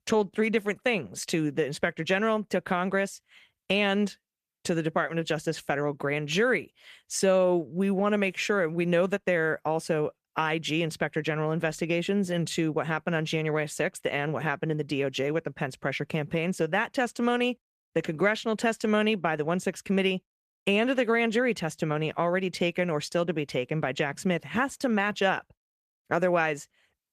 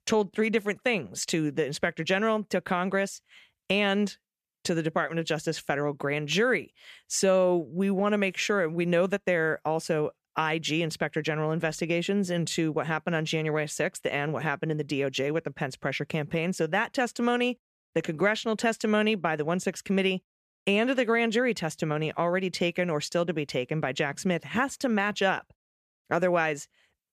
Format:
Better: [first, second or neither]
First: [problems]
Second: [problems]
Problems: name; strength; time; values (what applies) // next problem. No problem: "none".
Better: second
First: garbled, watery; slightly; nothing above 14.5 kHz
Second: none